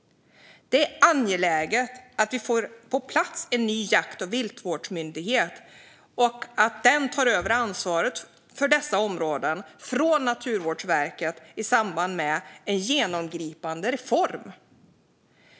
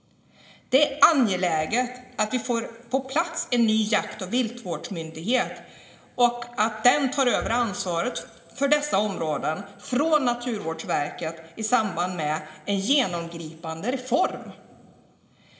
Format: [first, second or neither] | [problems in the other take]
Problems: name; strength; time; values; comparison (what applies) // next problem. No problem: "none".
first | room echo; dies away in 2.9 s